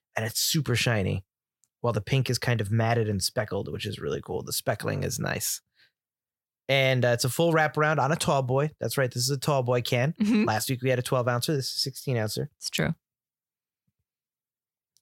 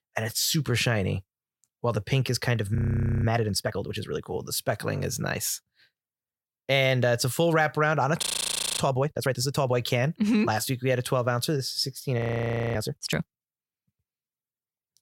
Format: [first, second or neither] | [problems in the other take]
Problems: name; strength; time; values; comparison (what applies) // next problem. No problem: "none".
first | audio freezing; at 3 s, at 8 s for 0.5 s and at 12 s for 0.5 s